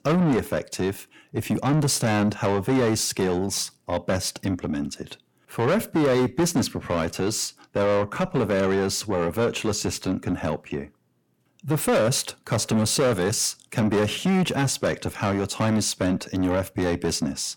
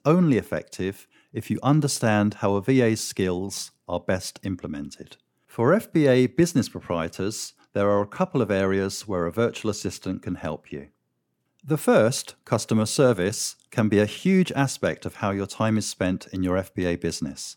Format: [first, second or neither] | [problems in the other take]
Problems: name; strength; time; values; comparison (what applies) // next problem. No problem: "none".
second | distortion; heavy; 7 dB below the speech